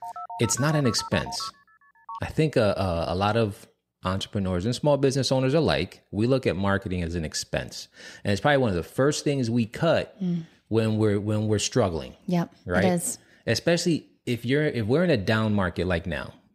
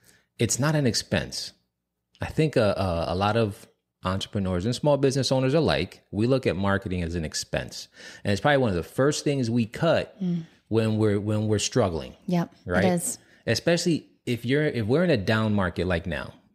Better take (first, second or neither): second